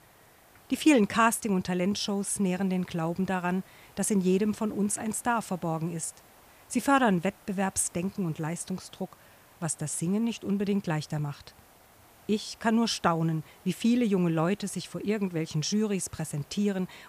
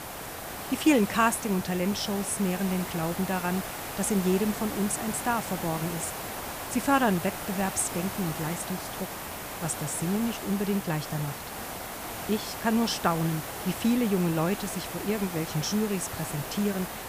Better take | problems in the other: first | hiss; loud; throughout; 7 dB below the speech; faint in the first

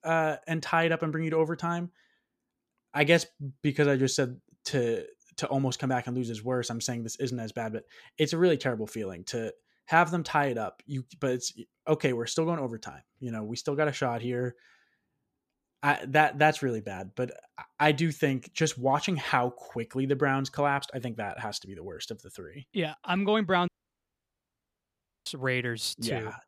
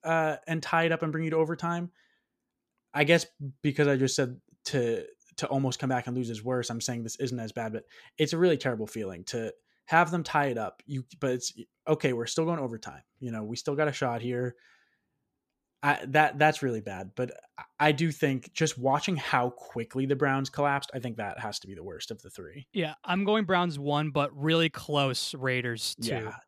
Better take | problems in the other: second | audio cutting out; at 24 s for 1.5 s

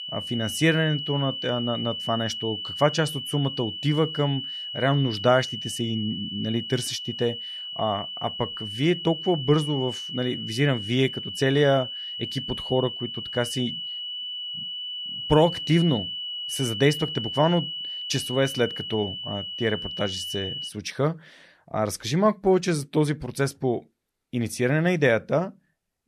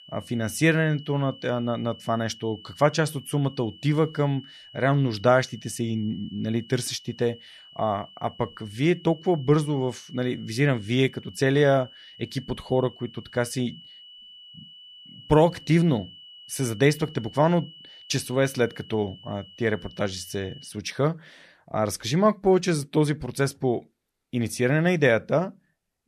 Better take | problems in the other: second | high-pitched whine; loud; until 21 s; 3 kHz, 6 dB below the speech; faint in the second

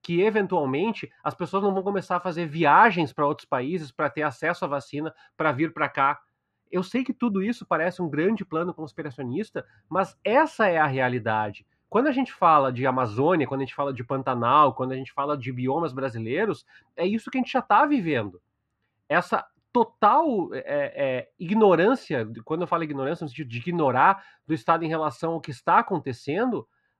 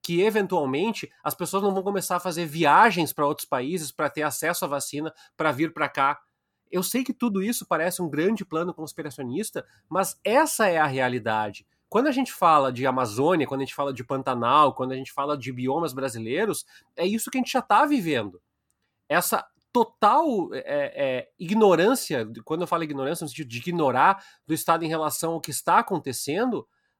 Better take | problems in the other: second | muffled; slightly; fading above 2.5 kHz

